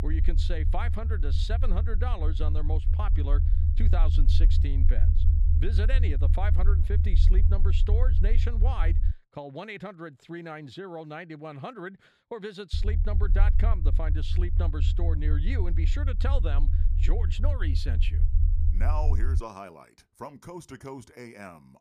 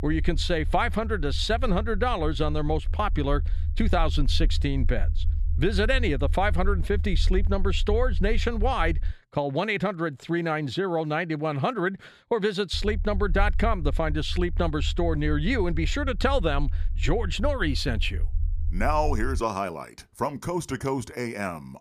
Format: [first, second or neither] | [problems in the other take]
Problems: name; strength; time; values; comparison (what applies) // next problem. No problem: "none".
second | low rumble; loud; until 9 s and from 13 to 19 s; 7 dB below the speech; faint in the second